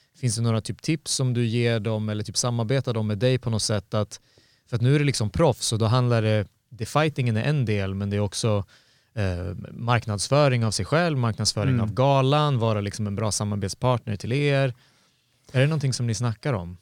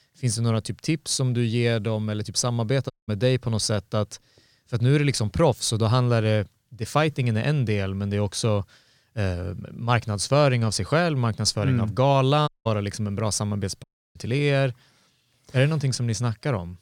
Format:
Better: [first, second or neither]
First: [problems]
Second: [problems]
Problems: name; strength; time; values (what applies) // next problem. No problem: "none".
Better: first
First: none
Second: audio cutting out; at 3 s, at 12 s and at 14 s